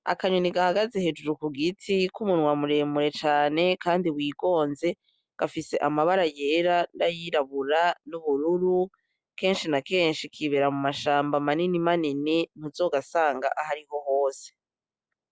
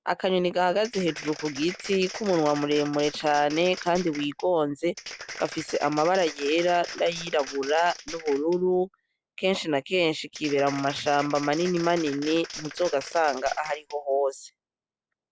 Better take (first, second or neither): first